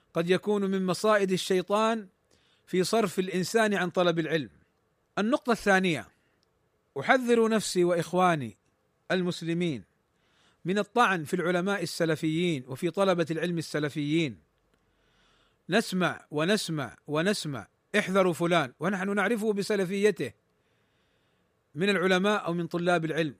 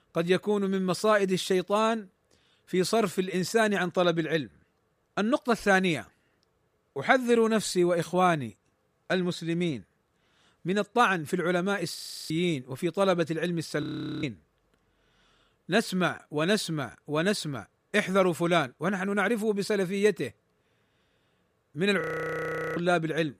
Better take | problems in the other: first | audio freezing; at 12 s, at 14 s and at 22 s for 1 s

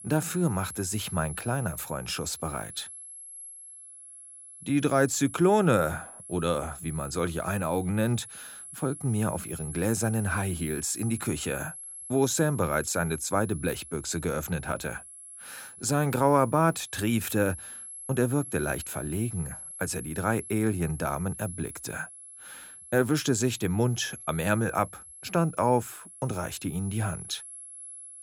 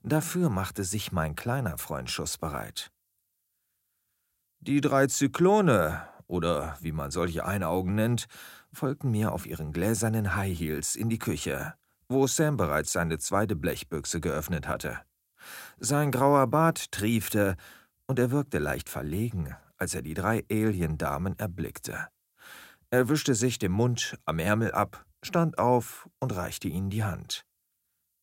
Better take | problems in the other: second | high-pitched whine; noticeable; throughout; 11 kHz, 10 dB below the speech

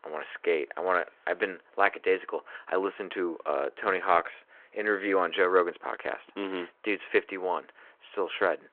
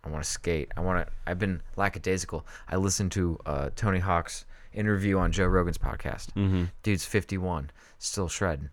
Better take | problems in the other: second | phone-call audio

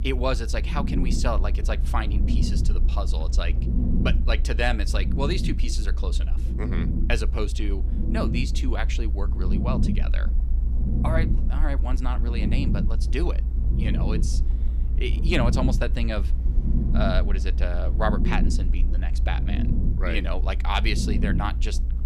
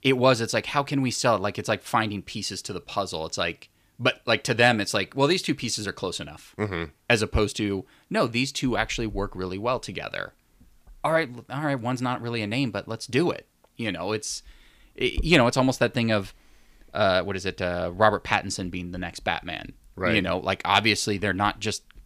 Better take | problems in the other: second | low rumble; loud; throughout; 8 dB below the speech

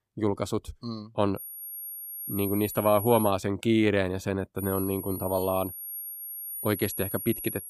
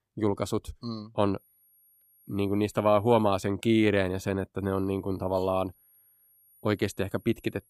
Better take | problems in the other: second | high-pitched whine; loud; from 1.5 to 3.5 s and from 4.5 s on; 11.5 kHz, 7 dB below the speech; faint in the second

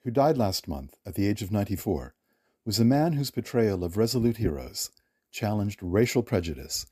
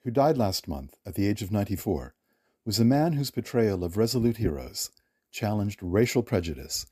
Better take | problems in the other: neither | none

